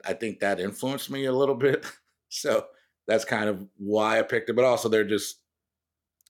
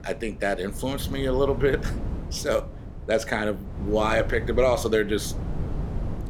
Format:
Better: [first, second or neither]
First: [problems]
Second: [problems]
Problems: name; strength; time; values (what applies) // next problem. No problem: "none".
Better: first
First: none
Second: wind noise on the microphone; occasional gusts; 15 dB below the speech